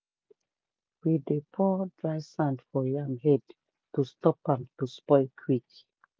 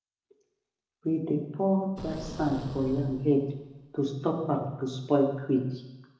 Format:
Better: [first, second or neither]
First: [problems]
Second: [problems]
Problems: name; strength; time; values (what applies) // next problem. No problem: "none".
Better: first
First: none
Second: background sound (Boom); 14 dB below the speech // room echo; dies away in 0.9 s